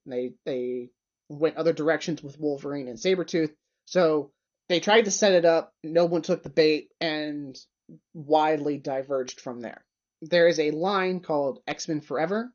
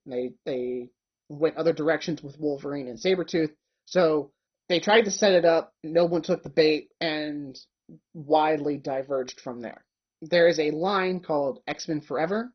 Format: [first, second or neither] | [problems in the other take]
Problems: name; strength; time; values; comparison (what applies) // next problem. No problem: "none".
first | garbled, watery; badly; nothing above 6 kHz; slightly in the first